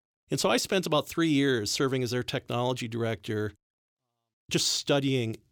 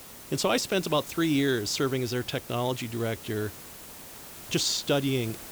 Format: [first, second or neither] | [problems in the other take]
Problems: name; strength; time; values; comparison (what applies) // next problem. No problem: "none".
first | hiss; noticeable; throughout; 15 dB below the speech